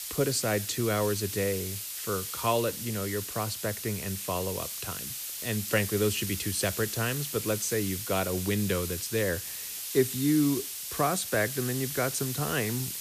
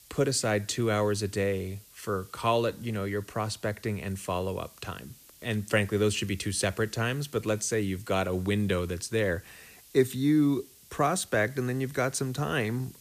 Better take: second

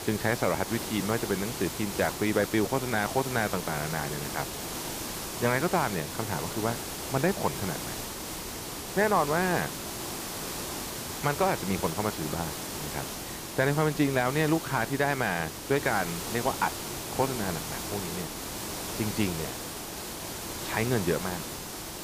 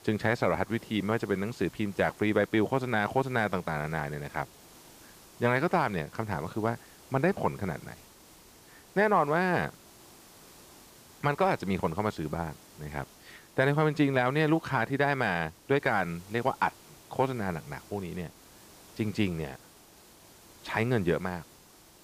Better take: second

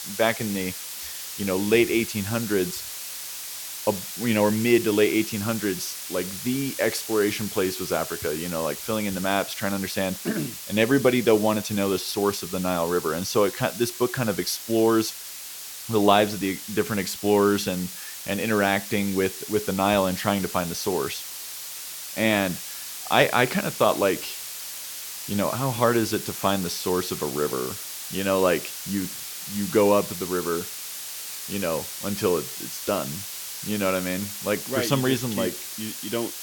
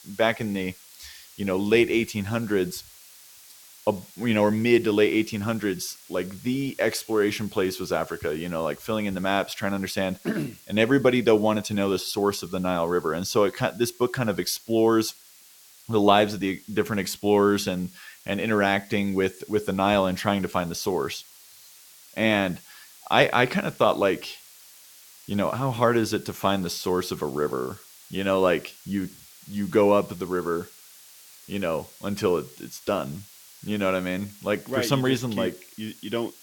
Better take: second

